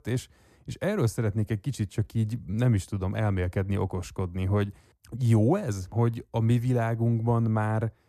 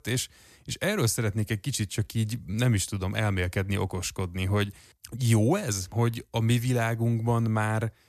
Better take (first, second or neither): second